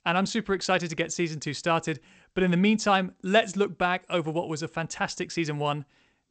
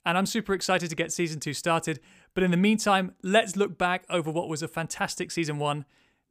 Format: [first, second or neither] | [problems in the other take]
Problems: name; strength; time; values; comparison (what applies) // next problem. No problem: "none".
second | garbled, watery; slightly; nothing above 8 kHz